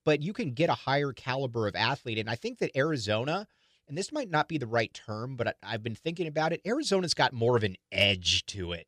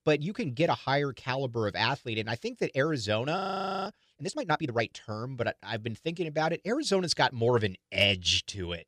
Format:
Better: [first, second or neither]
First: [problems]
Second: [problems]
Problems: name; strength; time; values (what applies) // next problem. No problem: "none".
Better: first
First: none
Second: audio freezing; at 3.5 s